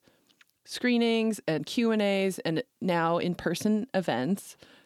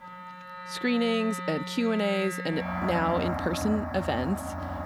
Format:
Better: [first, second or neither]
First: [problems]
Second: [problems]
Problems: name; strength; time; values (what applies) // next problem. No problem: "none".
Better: first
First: none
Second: background music; loud; throughout; 5 dB below the speech